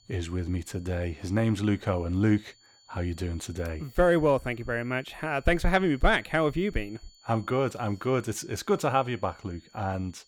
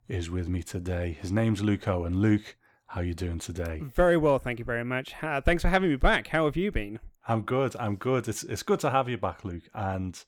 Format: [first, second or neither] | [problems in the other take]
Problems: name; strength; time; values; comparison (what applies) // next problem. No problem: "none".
second | high-pitched whine; faint; throughout; 4.5 kHz, 30 dB below the speech